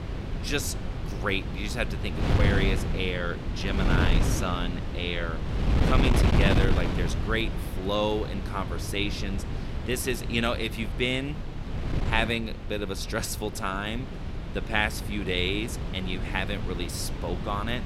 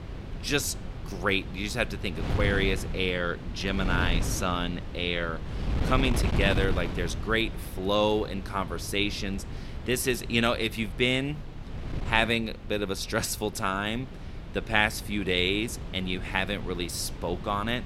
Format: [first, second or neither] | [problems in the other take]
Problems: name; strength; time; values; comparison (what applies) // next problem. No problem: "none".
second | wind noise on the microphone; heavy; 6 dB below the speech; occasional gusts in the second